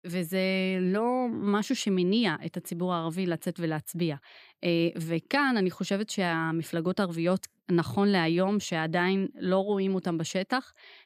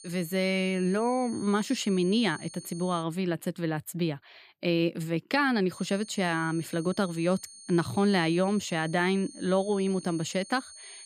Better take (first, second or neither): first